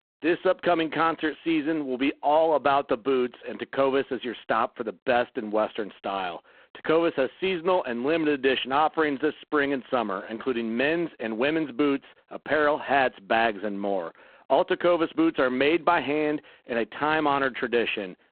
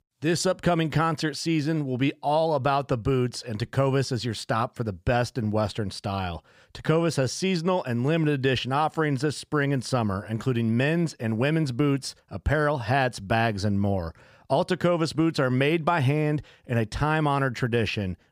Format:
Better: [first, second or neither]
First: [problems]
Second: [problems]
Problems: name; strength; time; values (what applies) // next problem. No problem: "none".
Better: second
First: phone-call audio; poor line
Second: none